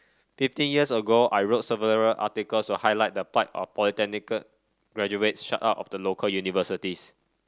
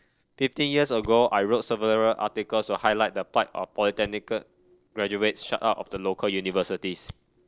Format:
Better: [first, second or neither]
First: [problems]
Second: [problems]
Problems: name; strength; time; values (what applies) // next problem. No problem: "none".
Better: first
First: none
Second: noise reduction (neural separator model SepFormer DNS4)